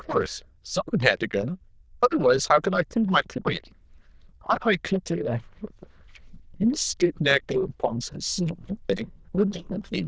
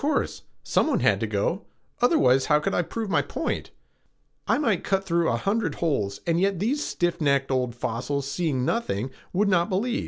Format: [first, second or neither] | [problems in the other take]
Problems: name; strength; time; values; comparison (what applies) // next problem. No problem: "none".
second | noise reduction (neural diffusion model UNIVERSE++)